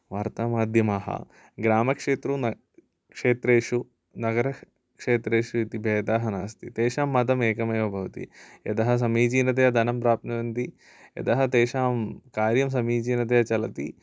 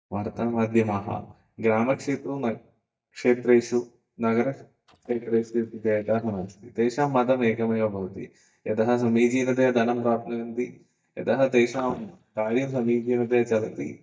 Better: first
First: none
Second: noise reduction (neural mask model DeepFilterNet 3)

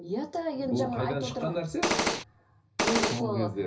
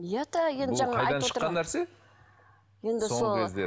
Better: second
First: background sound (Gunshot, gunfire); 4 dB above the speech // room echo; dies away in 0.4 s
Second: none

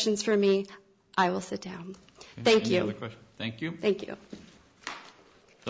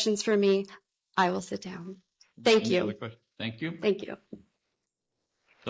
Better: first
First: none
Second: noise reduction (neural mask model Resemble Enhance denoiser)

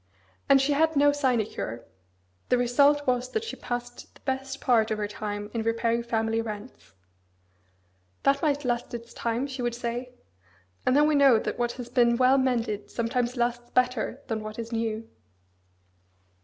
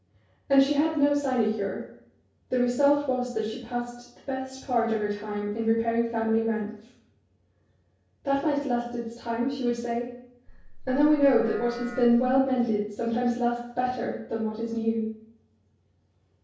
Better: first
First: none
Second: background sound (Livestock, farm animals, working animals); 13 dB below the speech // room echo; dies away in 0.6 s

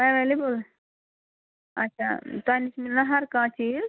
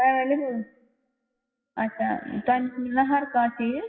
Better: first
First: none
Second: noise reduction (classical method WPE with log-MMSE)

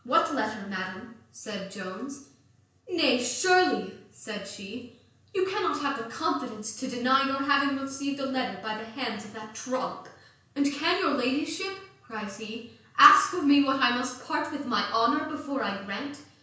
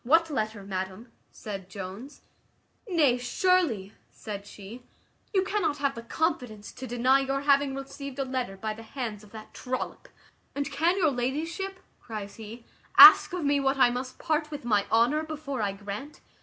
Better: second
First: room echo; dies away in 0.5 s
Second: none

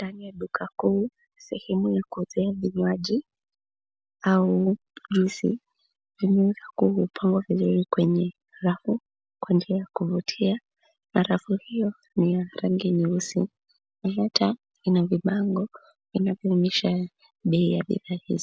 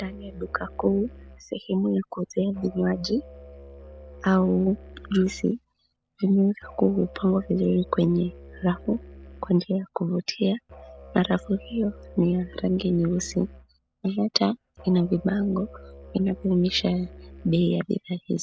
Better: first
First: none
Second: background sound (Musical instrument); 20 dB below the speech

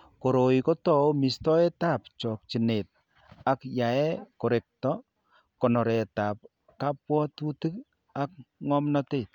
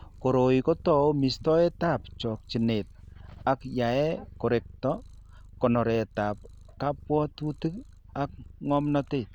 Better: first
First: none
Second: background sound (Purr); 19 dB below the speech

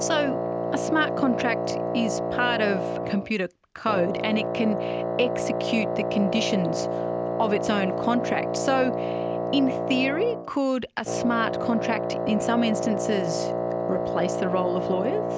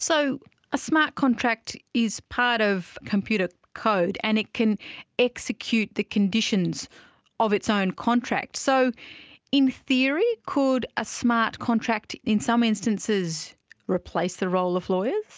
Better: second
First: background sound (Wind instrument, woodwind instrument); 1 dB below the speech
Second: none

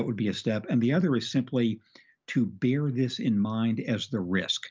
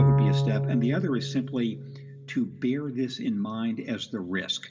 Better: first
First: none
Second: background sound (Bowed string instrument); as loud as the speech // room echo; dies away in 0.4 s

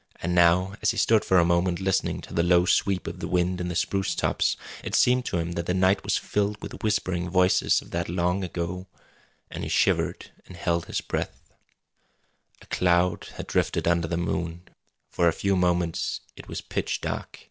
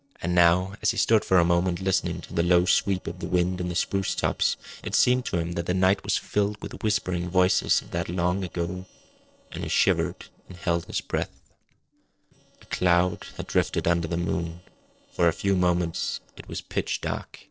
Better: first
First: none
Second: noise reduction (neural separator model SepFormer DNS4)

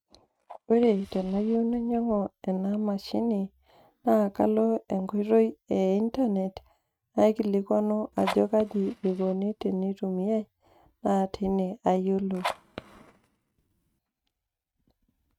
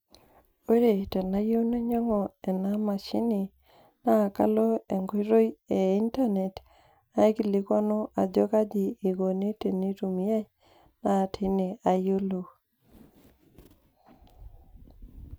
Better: second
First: noise reduction (neural mask model RNNoise)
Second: none

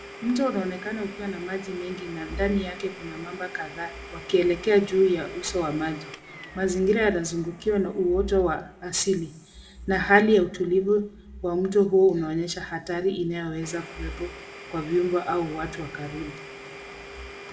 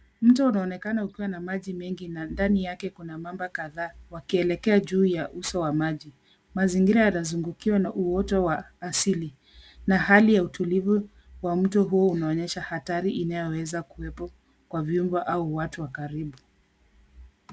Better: second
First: background sound (Domestic sounds, home sounds); 17 dB below the speech // room echo; dies away in 0.7 s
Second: none

